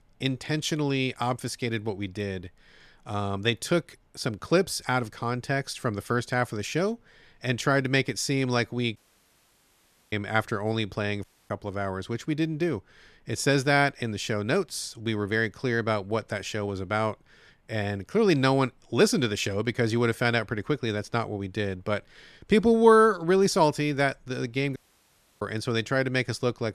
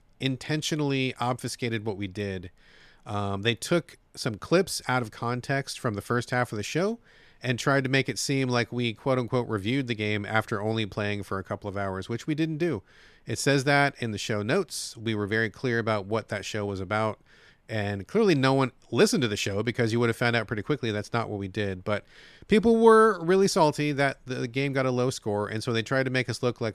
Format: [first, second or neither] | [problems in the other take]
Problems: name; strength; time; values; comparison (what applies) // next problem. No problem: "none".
second | audio cutting out; at 9 s for 1 s, at 11 s and at 25 s for 0.5 s